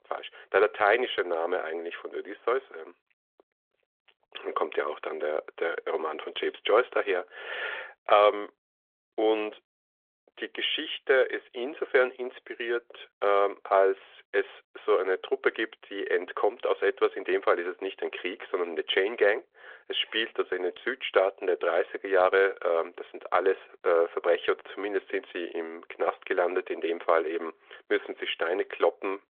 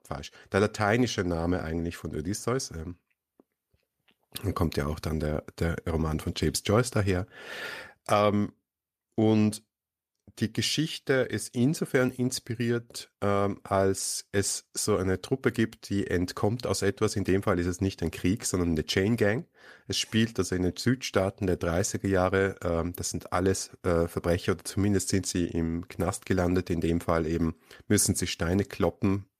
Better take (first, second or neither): second